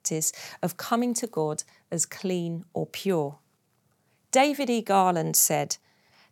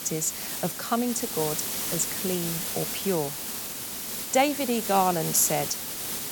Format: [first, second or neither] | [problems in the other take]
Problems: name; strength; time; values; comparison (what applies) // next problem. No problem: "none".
first | hiss; loud; throughout; 3 dB below the speech